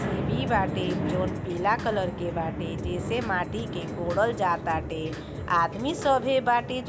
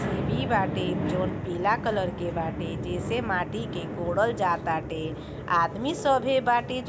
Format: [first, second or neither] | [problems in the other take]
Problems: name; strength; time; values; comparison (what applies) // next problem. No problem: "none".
second | background sound (Drum kit); 16 dB below the speech